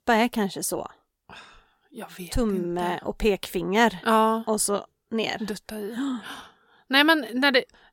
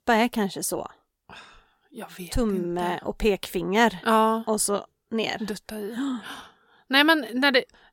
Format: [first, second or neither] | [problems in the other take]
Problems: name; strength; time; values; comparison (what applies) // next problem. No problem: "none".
neither | none